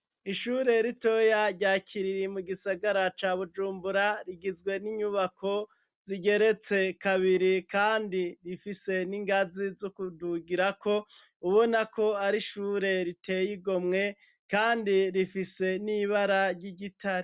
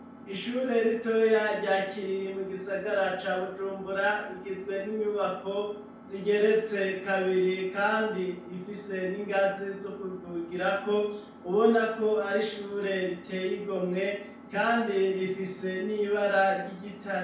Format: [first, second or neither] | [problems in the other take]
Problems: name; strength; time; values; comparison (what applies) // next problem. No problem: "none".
first | background sound (Engine); 18 dB below the speech // room echo; dies away in 0.5 s